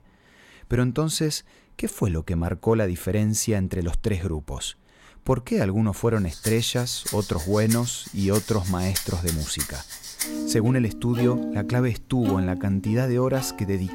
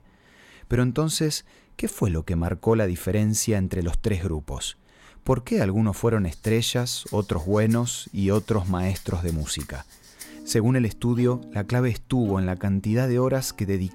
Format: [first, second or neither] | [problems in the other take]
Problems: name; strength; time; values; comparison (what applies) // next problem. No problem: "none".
second | background music; loud; from 6 s on; 7 dB below the speech; faint in the second